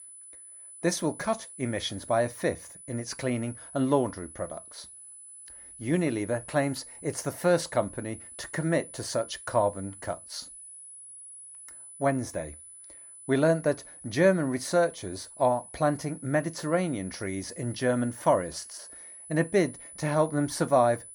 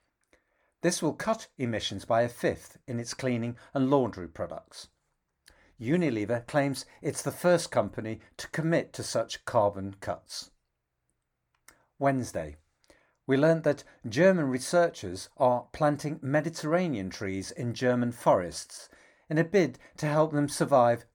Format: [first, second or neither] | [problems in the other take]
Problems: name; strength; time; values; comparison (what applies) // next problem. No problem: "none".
second | high-pitched whine; noticeable; throughout; 10 kHz, 15 dB below the speech